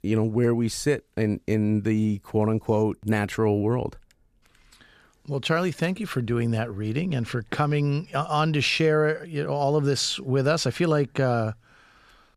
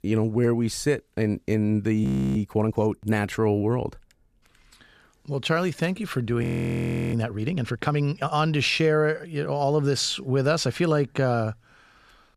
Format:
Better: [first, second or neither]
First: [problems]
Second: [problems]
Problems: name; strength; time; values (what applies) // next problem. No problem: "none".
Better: first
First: none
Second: audio freezing; at 2 s and at 6.5 s for 0.5 s